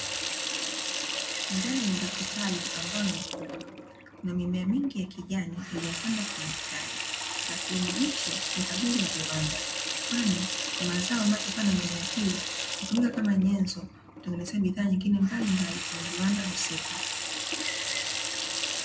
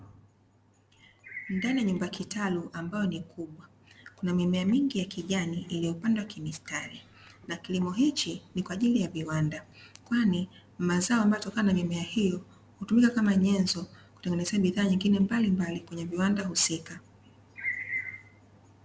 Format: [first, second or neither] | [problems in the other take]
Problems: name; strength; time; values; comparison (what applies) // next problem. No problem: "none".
second | background sound (Sink (filling or washing) / Water tap, faucet); 3 dB below the speech // room echo; dies away in 0.4 s